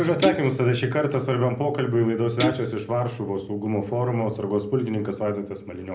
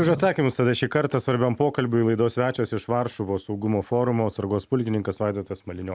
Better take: second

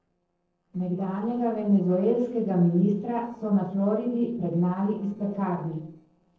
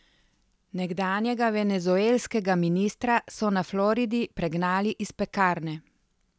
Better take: second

